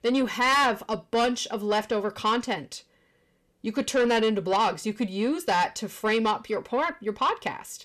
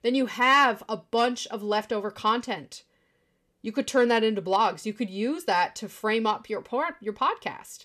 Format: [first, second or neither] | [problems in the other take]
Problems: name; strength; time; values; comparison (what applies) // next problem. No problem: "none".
second | distortion; slight; 10 dB below the speech